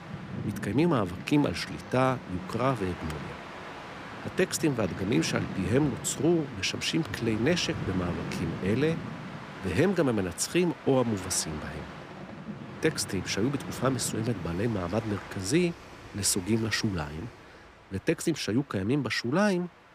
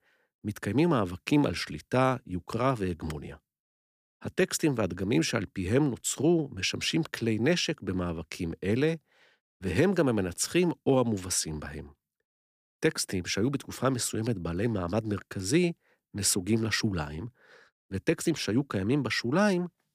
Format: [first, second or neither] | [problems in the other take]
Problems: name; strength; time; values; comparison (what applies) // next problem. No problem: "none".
second | train or aircraft noise; noticeable; throughout; 10 dB below the speech